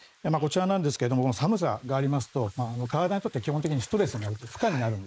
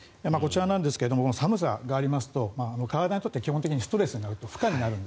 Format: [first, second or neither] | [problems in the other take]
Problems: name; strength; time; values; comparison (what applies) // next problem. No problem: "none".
second | noise reduction (neural mask model Resemble Enhance denoiser)